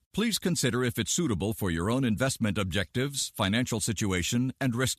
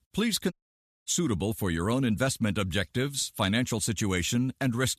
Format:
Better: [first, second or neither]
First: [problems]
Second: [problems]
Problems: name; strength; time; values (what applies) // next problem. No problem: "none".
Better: first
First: none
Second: audio cutting out; at 0.5 s for 0.5 s